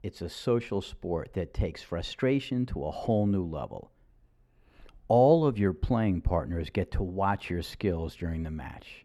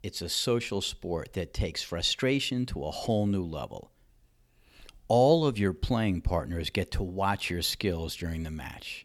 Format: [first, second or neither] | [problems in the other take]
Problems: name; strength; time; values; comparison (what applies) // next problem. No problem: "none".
second | muffled; slightly; fading above 2.5 kHz